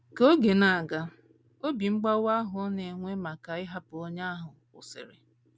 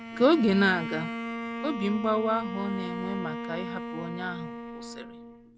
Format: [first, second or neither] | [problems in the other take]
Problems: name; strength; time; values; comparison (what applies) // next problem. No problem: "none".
first | background sound (Bowed string instrument); 7 dB below the speech